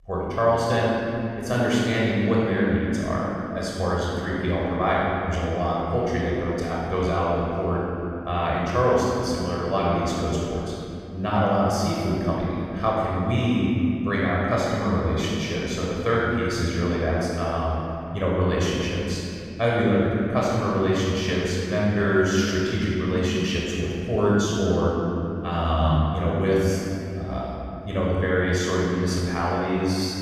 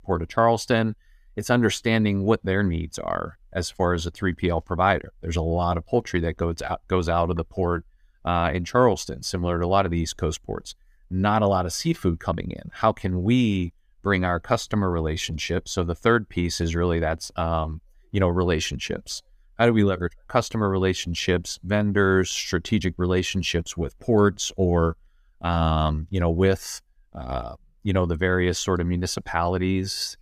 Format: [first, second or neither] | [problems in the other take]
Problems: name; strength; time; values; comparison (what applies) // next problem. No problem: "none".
second | off-mic speech; far // room echo; strong; dies away in 2.7 s